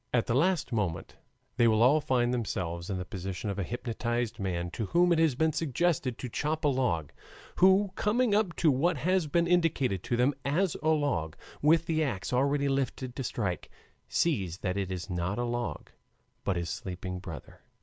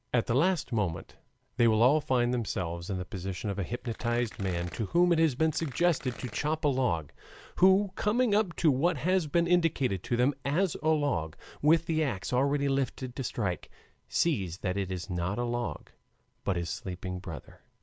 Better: first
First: none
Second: background sound (Tearing); 19 dB below the speech

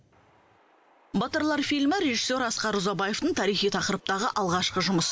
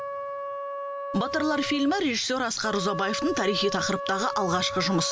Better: first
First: none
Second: background sound (Wind instrument, woodwind instrument); 7 dB below the speech

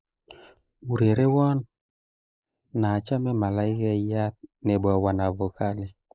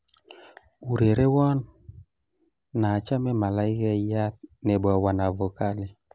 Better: second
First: noise reduction (neural mask model Resemble Enhance denoiser)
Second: none

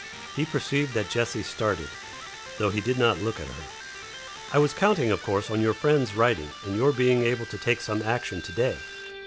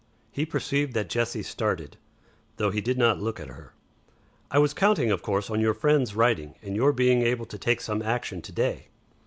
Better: second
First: background sound (Electric guitar + Domestic sounds, home sounds); 13 dB below the speech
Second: none

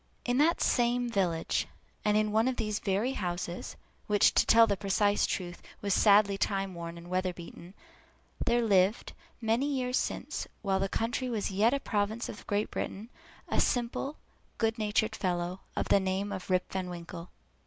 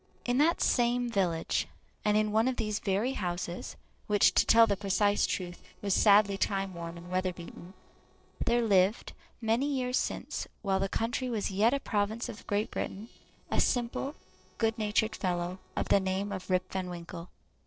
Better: first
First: none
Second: noise reduction (neural separator model SepFormer DNS4)

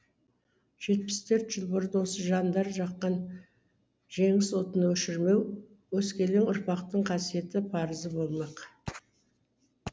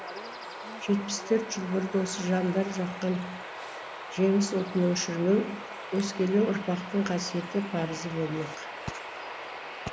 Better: first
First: none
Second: background sound (Bird vocalization, bird call, bird song); 10 dB below the speech

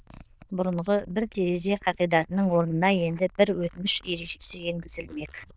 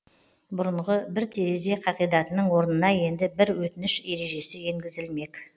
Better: second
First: noise reduction (neural diffusion model UNIVERSE++)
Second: none

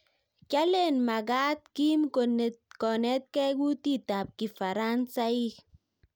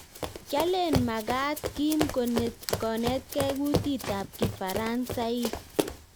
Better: first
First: none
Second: background sound (Run); 4 dB below the speech

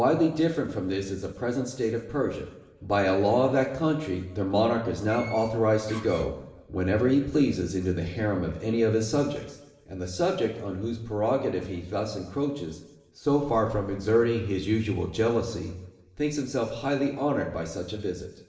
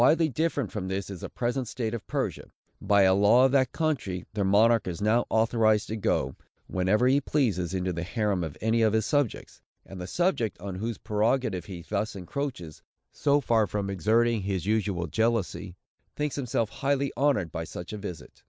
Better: second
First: background sound (Door); 17 dB below the speech // room echo; dies away in 0.9 s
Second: none

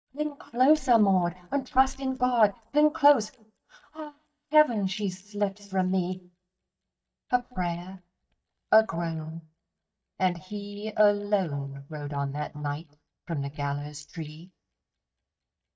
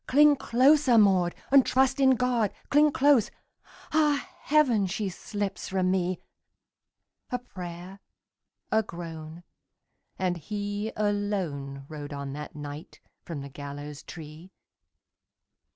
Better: second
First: noise reduction (neural mask model DeepFilterNet 3)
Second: none

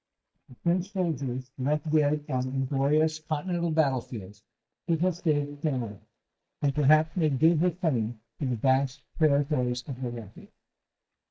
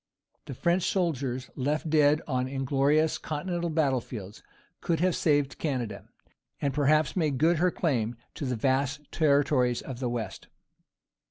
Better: second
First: noise reduction (neural mask model DeepFilterNet 3)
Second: none

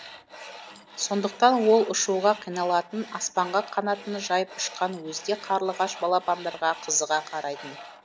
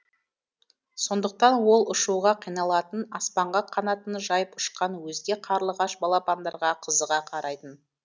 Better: second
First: background sound (Tools); 18 dB below the speech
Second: none

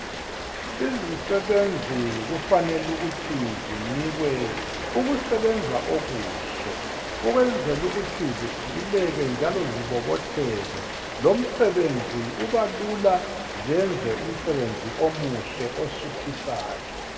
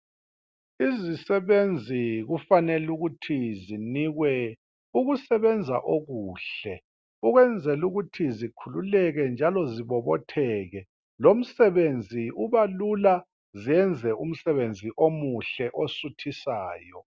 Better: second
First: background sound (Rain); 6 dB below the speech // room echo; dies away in 1.5 s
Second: none

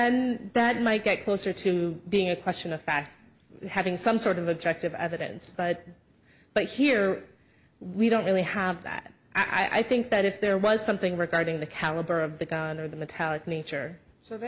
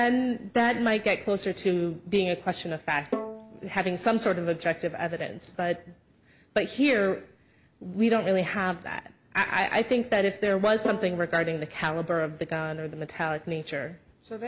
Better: first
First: none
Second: background sound (Bowed string instrument); 13 dB below the speech

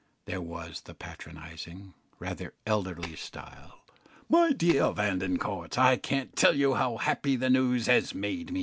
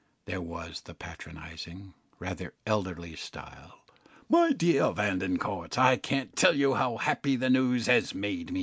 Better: second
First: background sound (Tap); 16 dB below the speech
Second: none

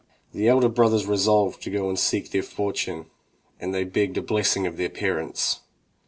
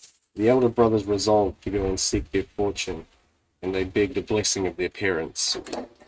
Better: first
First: none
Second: noise reduction (neural mask model RNNoise)

